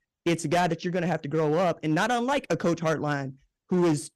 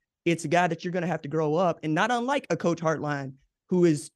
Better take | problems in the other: second | distortion; slight; 10% of the sound clipped

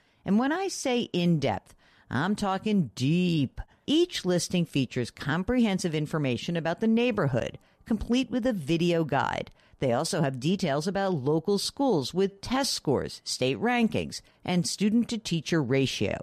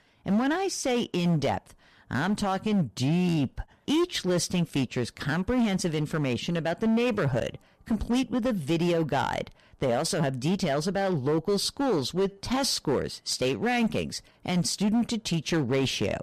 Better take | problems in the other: first | distortion; slight; 11% of the sound clipped

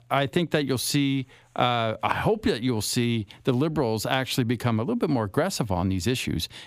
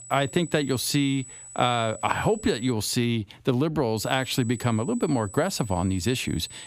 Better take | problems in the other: first | high-pitched whine; noticeable; until 2.5 s and from 4 s on; 8 kHz, 15 dB below the speech

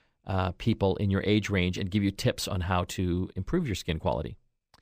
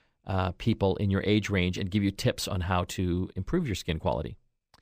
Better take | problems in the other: neither | none

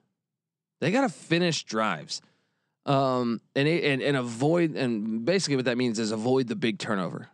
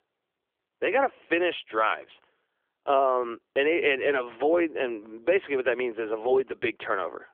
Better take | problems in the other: first | phone-call audio

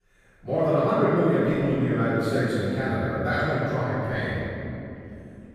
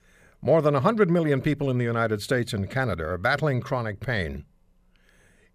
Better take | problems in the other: second | off-mic speech; far // room echo; strong; dies away in 3 s

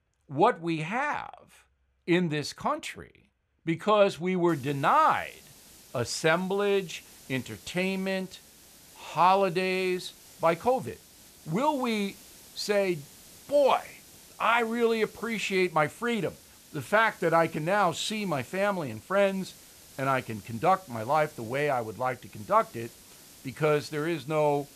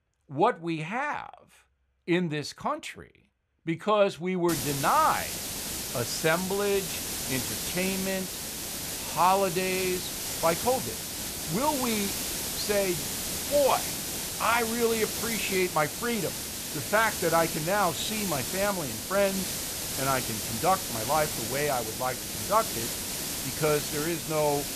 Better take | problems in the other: first | hiss; loud; from 4.5 s on; 3 dB below the speech; faint in the first

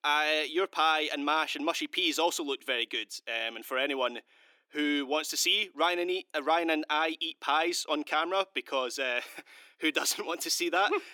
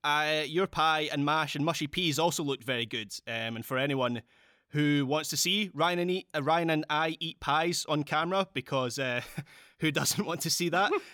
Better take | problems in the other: second | thin; very slightly; fading below 300 Hz

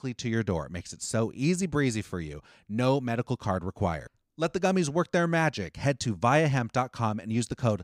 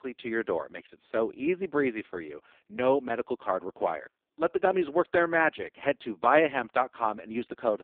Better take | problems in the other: first | phone-call audio; poor line

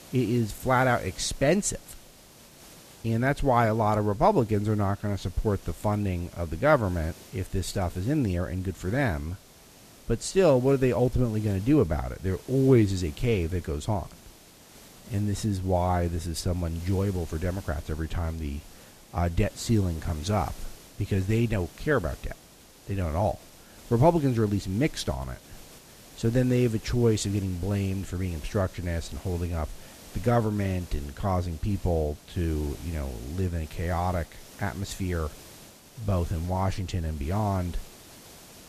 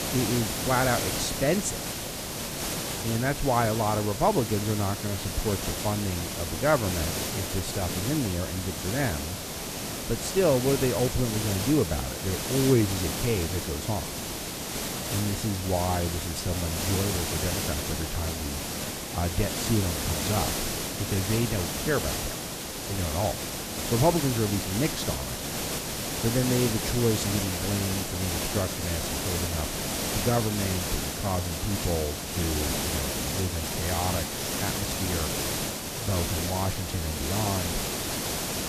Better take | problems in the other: first | hiss; loud; throughout; 1 dB below the speech; faint in the first

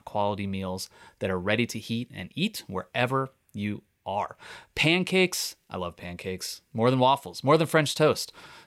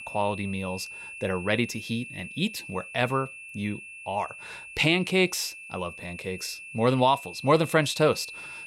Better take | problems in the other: first | high-pitched whine; noticeable; throughout; 2.5 kHz, 10 dB below the speech

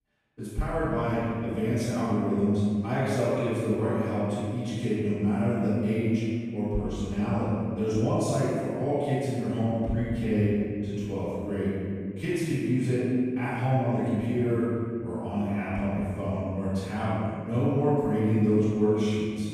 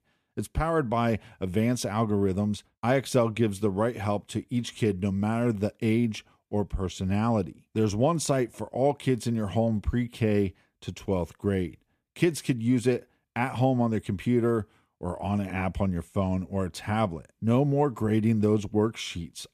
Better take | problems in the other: second | off-mic speech; far // room echo; strong; dies away in 2.2 s

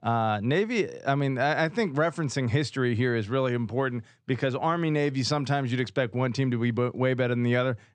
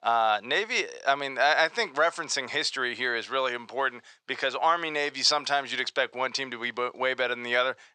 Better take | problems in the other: first | thin; very; fading below 750 Hz

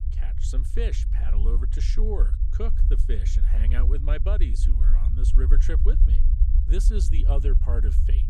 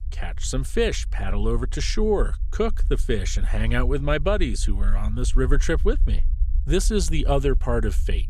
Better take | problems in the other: second | low rumble; loud; throughout; 6 dB below the speech; faint in the second

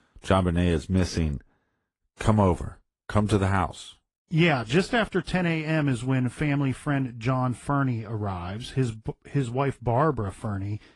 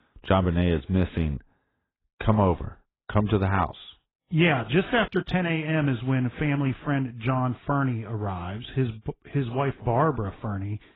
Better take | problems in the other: first | garbled, watery; badly; slightly in the first

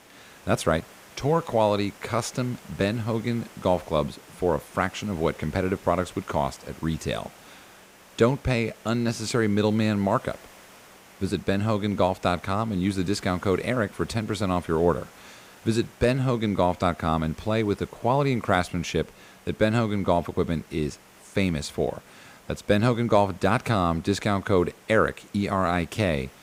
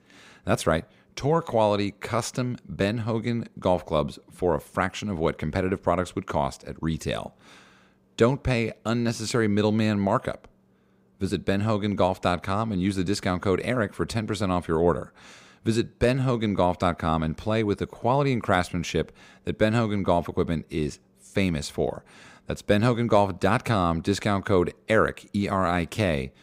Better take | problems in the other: second | hiss; faint; throughout; 25 dB below the speech

